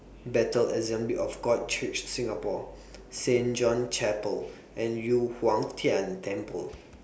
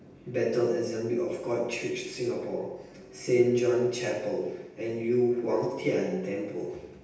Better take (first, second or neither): first